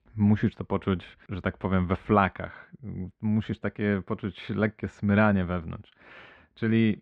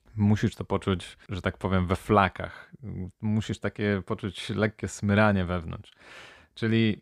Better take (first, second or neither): second